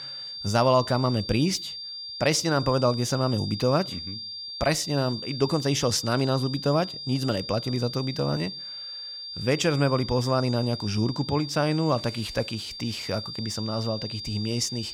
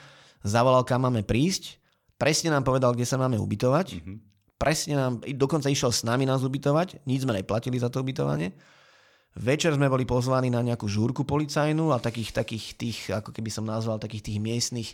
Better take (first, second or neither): second